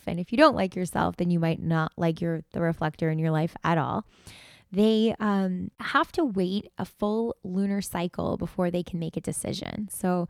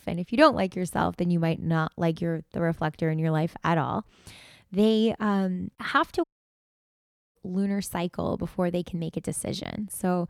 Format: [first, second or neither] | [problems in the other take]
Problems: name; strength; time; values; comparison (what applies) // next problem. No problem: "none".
first | audio cutting out; at 6 s for 1 s